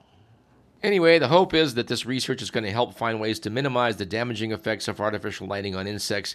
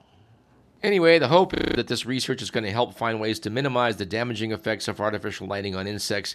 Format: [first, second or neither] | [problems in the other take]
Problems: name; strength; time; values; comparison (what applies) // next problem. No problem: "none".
first | audio freezing; at 1.5 s